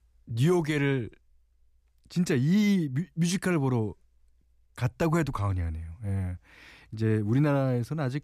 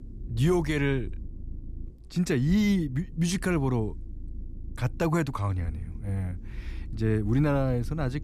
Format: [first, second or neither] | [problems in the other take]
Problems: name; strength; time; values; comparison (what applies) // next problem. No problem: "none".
first | low rumble; faint; throughout; 25 dB below the speech